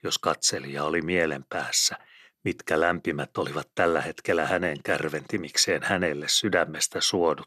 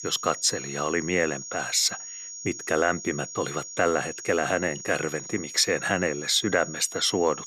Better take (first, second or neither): first